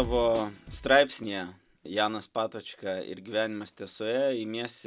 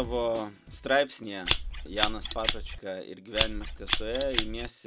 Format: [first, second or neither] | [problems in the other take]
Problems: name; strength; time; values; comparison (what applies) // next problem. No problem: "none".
first | background sound (Scissors); 2 dB above the speech